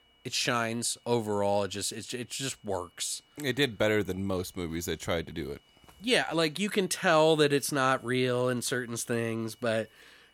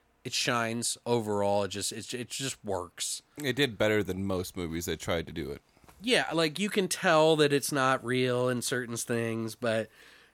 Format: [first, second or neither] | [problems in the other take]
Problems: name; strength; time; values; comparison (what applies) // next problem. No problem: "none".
second | high-pitched whine; faint; throughout; 3 kHz, 35 dB below the speech